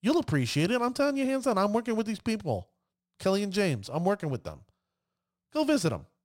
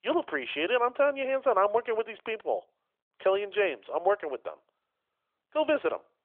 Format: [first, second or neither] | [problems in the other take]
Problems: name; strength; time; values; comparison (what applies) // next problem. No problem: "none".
first | phone-call audio; nothing above 3 kHz